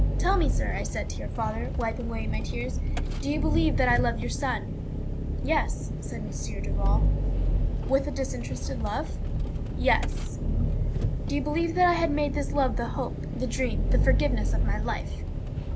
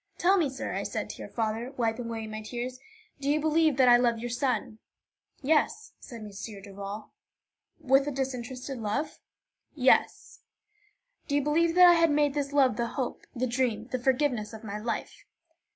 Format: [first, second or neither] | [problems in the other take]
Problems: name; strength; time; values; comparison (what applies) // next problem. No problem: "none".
second | background sound (Engine); 4 dB above the speech